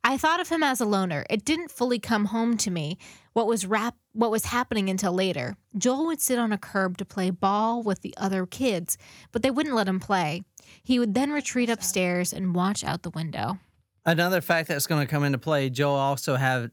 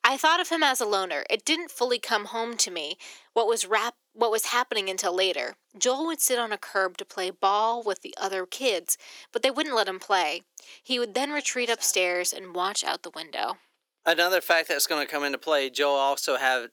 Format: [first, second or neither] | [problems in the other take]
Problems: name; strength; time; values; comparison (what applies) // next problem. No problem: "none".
first | thin; very; fading below 350 Hz